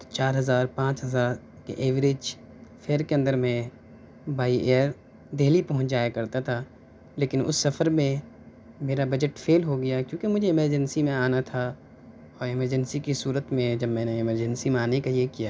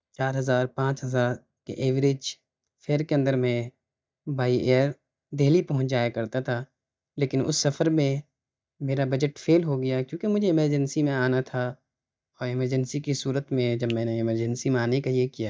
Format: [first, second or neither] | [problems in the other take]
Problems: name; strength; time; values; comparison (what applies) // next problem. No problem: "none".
first | noise reduction (neural mask model DeepFilterNet 3)